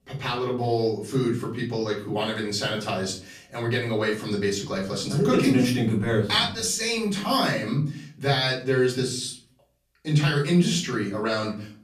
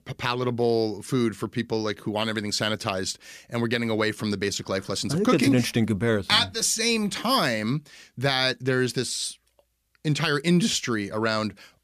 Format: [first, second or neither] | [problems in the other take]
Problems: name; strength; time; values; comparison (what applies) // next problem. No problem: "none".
second | off-mic speech; far // room echo; slight; dies away in 0.4 s